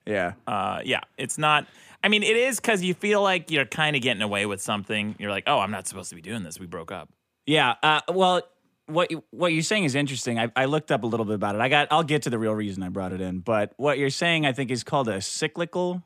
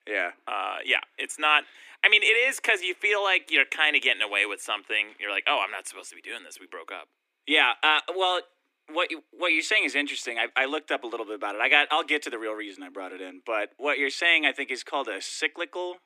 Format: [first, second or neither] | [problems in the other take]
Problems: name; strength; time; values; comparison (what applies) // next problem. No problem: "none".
first | thin; somewhat; fading below 300 Hz